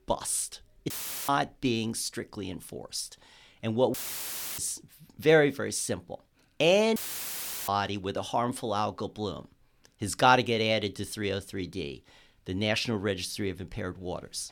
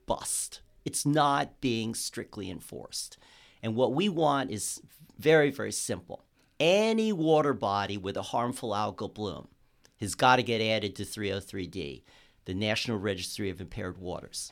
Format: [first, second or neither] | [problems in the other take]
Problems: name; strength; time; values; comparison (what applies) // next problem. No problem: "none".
second | audio cutting out; filled with static; at 1 s, at 4 s for 0.5 s and at 7 s for 0.5 s